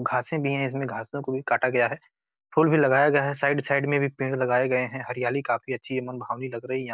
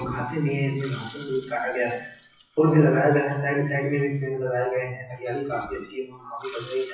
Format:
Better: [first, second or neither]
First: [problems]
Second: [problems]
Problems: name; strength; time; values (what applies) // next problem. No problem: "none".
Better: first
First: none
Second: noise reduction (classical method WPE with log-MMSE)